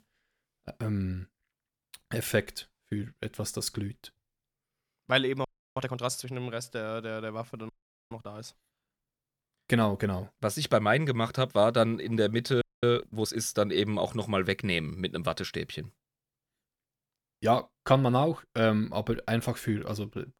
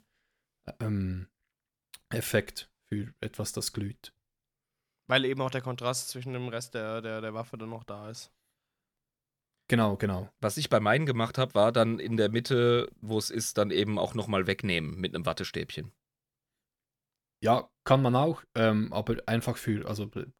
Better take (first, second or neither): second